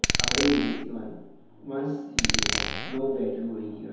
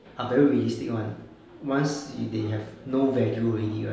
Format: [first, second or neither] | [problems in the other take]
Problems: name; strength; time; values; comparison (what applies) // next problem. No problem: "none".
second | background sound (Glass); 1 dB above the speech // room echo; dies away in 0.6 s